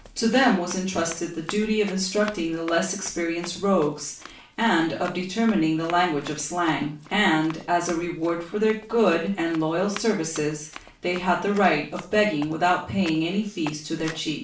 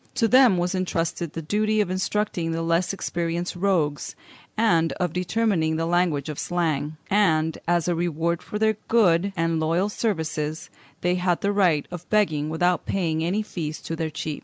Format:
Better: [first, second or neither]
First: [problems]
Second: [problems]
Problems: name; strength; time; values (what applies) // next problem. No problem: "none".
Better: second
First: background sound (Run); 20 dB below the speech // room echo; dies away in 0.4 s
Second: none